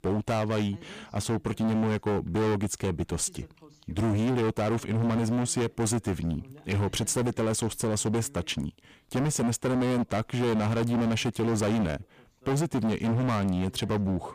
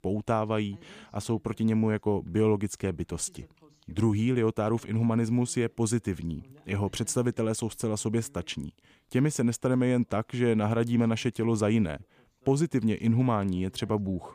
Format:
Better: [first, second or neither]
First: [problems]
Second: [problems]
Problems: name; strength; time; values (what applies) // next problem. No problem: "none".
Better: second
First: distortion; heavy; 26% of the sound clipped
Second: none